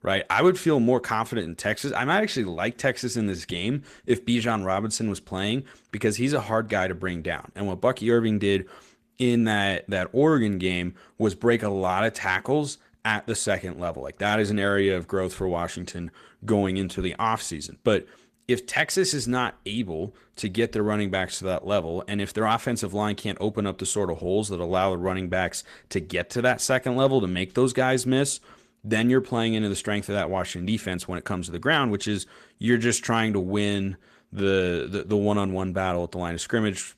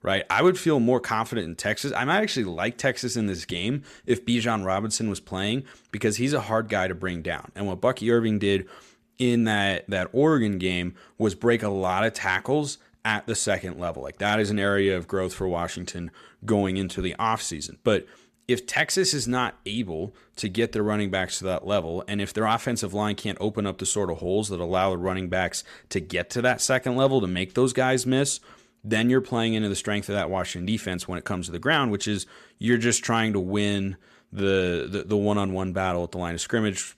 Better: second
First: garbled, watery; slightly; nothing above 14.5 kHz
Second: none

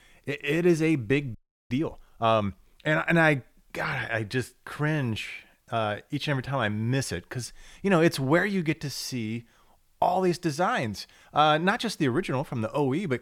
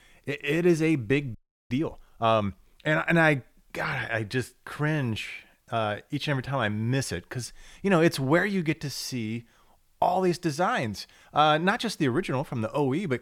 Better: neither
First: audio freezing; at 1.5 s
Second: audio freezing; at 1.5 s

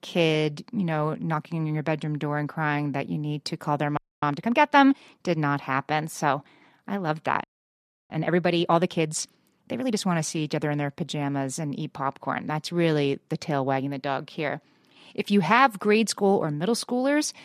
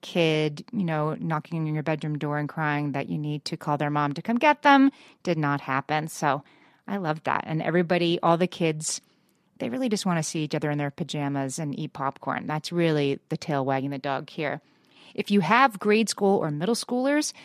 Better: second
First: audio freezing; at 4 s and at 7.5 s for 0.5 s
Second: none

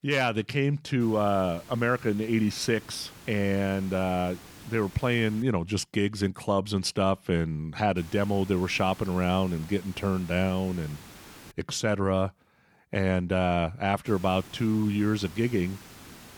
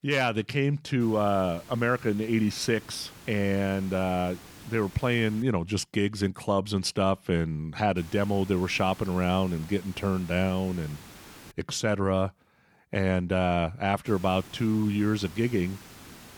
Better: neither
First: hiss; noticeable; from 1 to 5.5 s, from 8 to 12 s and from 14 s on; 20 dB below the speech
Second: hiss; noticeable; from 1 to 5.5 s, from 8 to 12 s and from 14 s on; 20 dB below the speech

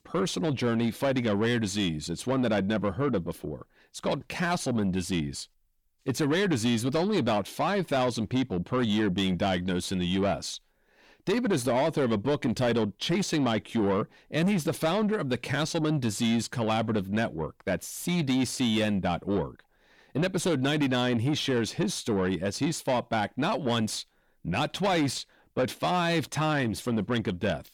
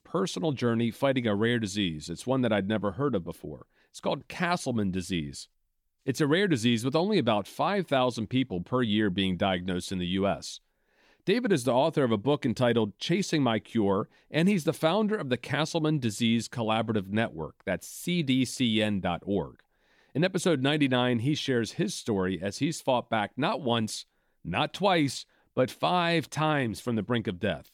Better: second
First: distortion; slight; 10 dB below the speech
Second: none

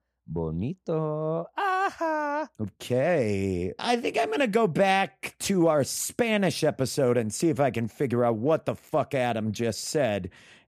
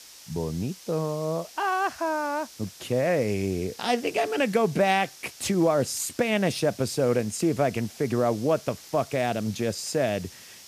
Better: first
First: none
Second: hiss; noticeable; throughout; 20 dB below the speech

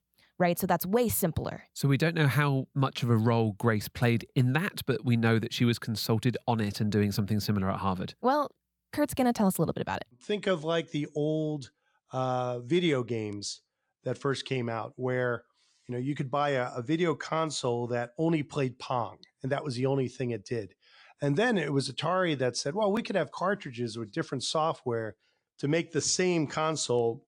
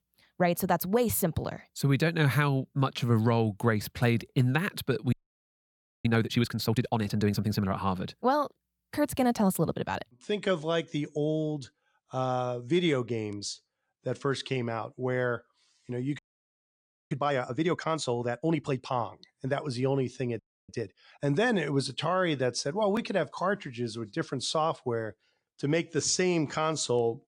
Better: first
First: none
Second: audio freezing; at 5 s for 1 s, at 16 s for 1 s and at 20 s

